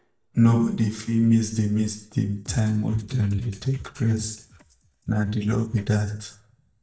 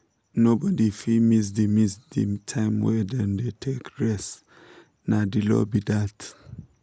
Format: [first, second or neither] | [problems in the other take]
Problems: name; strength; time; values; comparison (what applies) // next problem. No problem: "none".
second | noise reduction (neural mask model DeepFilterNet 3)